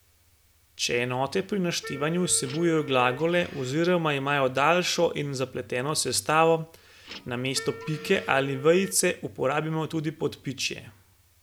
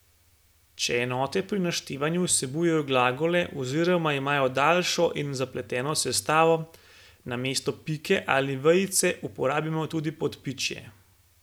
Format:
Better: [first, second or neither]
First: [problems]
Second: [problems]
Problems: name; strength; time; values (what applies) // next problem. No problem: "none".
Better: second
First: background sound (Printer + Wind instrument, woodwind instrument); 16 dB below the speech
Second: none